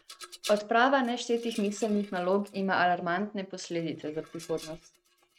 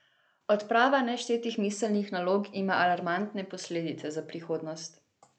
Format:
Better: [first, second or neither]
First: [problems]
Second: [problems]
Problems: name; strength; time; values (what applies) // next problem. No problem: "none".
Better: second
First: noise reduction (neural mask model RNNoise)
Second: none